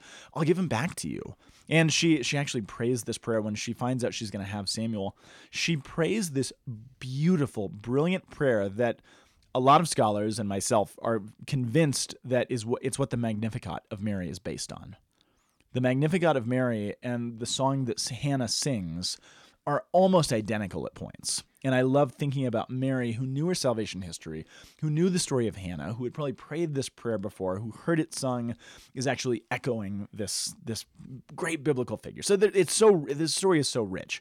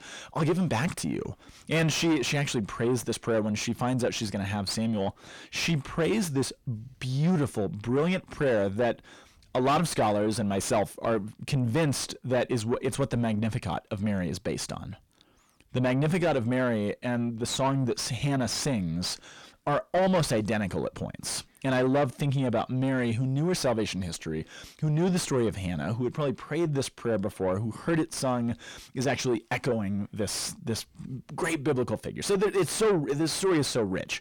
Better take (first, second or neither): first